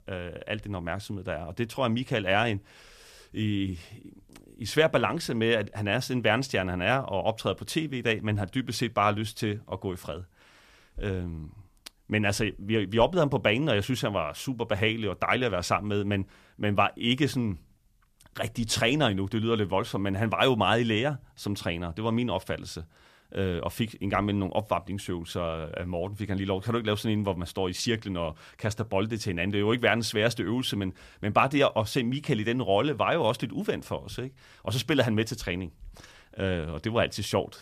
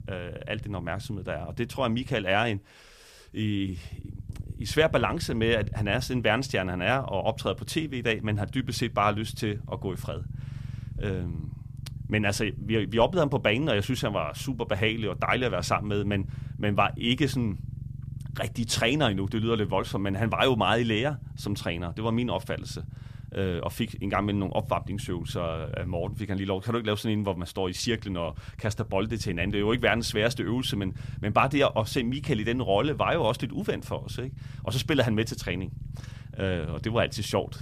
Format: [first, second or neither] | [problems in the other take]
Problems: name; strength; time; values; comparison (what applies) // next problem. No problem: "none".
first | low rumble; faint; throughout; 25 dB below the speech